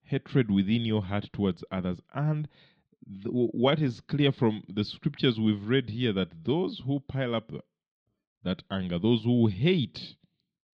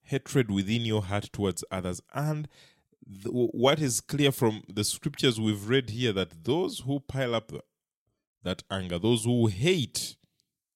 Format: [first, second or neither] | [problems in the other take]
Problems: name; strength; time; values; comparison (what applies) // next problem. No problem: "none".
second | muffled; slightly; fading above 4 kHz